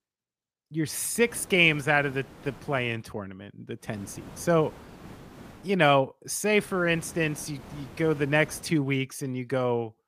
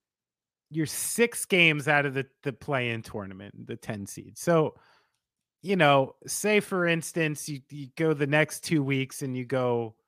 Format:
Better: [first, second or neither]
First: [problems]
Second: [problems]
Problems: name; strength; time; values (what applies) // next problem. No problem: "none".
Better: second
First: hiss; faint; from 1 to 3 s, from 4 to 5.5 s and from 6.5 to 8.5 s; 20 dB below the speech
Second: none